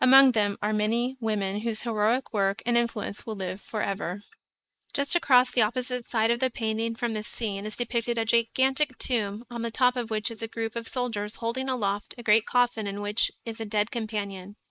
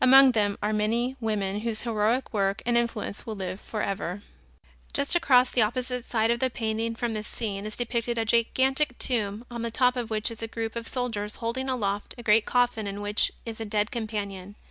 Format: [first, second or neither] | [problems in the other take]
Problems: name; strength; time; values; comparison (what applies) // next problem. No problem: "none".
second | noise reduction (neural mask model Resemble Enhance denoiser)